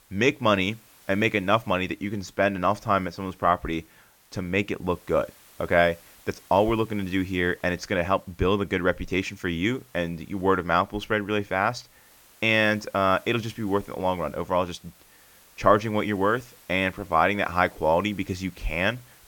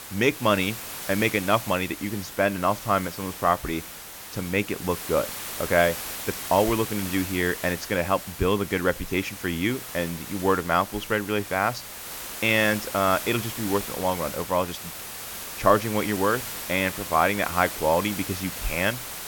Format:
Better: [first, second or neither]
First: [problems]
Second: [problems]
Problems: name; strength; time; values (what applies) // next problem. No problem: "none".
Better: first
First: hiss; faint; throughout; 30 dB below the speech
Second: hiss; loud; throughout; 9 dB below the speech